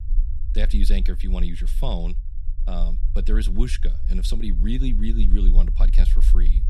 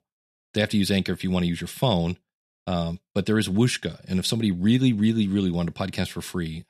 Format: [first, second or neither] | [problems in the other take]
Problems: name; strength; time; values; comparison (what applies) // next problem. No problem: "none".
second | low rumble; noticeable; throughout; 10 dB below the speech